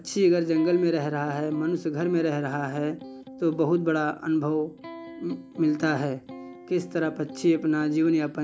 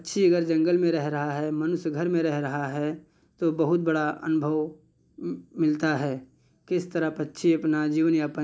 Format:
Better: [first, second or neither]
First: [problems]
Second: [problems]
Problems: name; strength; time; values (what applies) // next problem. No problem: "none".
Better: second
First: background sound (Electric guitar); 17 dB below the speech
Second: none